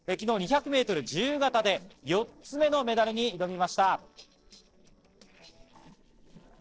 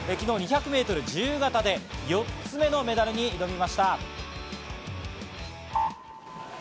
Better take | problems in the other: second | noise reduction (neural separator model SepFormer DNS4)

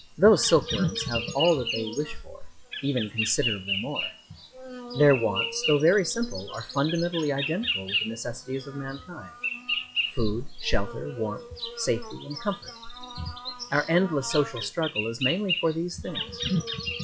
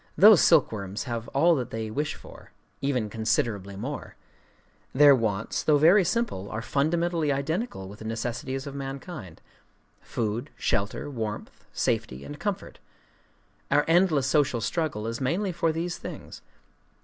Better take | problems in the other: second | noise reduction (classical method log-MMSE)

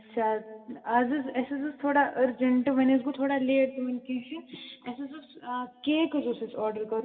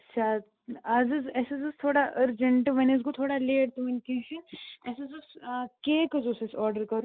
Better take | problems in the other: second | room echo; dies away in 1.9 s

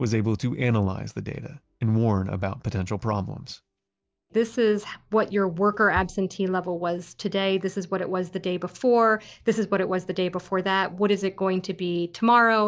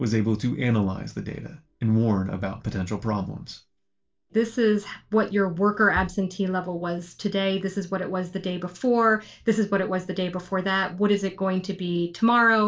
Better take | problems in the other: first | room echo; dies away in 0.2 s

